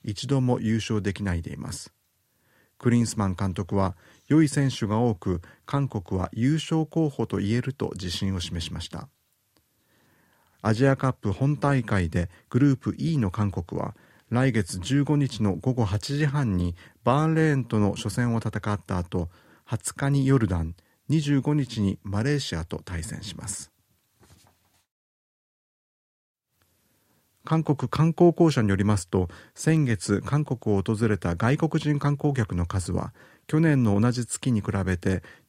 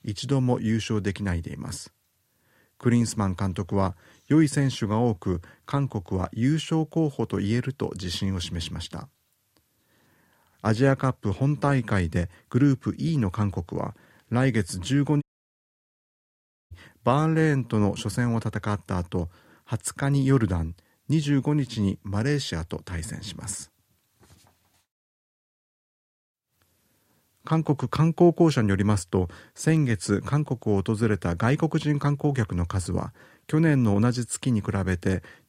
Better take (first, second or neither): first